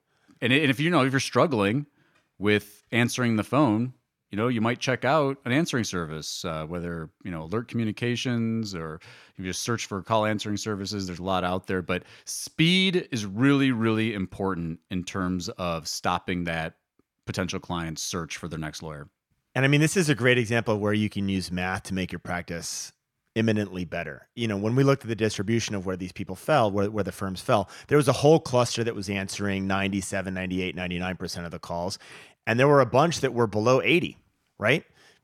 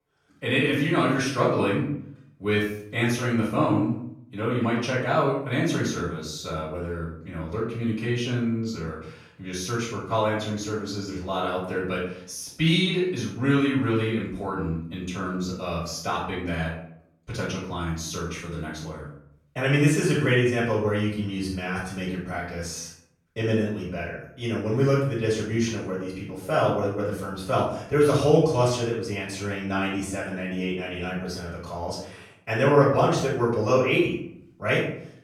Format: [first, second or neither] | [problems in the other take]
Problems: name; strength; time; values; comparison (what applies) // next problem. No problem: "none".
first | off-mic speech; far // room echo; noticeable; dies away in 0.6 s